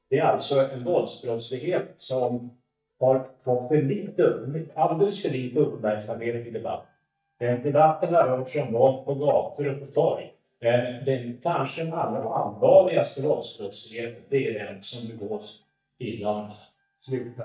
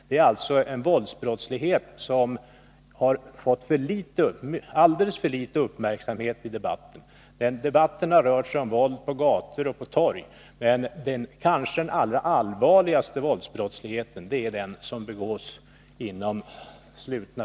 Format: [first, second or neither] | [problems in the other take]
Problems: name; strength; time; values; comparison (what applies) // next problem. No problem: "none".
second | noise reduction (neural mask model DeepFilterNet 3)